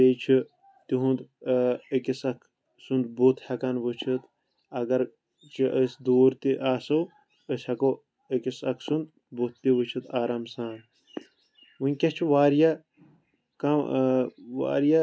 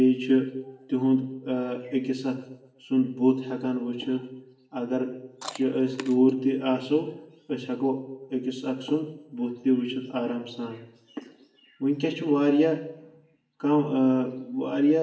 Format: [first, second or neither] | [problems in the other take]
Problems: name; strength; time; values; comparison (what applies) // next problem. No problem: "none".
first | background sound (Chewing, mastication); 16 dB below the speech // room echo; dies away in 0.8 s